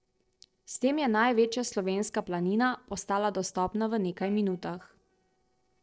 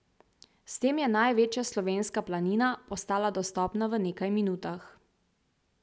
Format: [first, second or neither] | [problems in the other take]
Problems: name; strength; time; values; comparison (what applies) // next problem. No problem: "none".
second | noise reduction (neural separator model SepFormer DNS4)